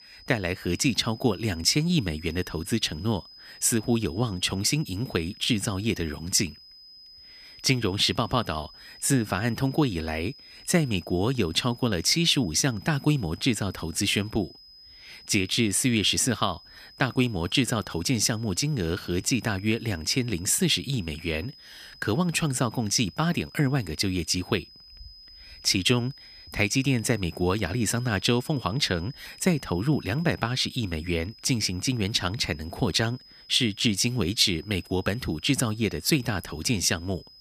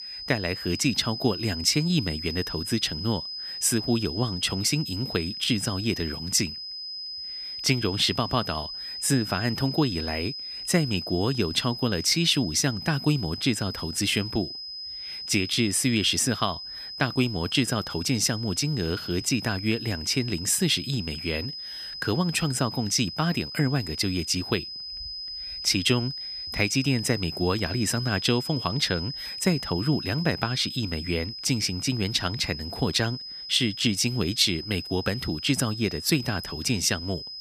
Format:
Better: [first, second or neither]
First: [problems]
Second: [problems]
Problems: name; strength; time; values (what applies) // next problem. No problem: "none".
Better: first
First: high-pitched whine; faint; throughout; 5 kHz, 20 dB below the speech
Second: high-pitched whine; loud; throughout; 5 kHz, 8 dB below the speech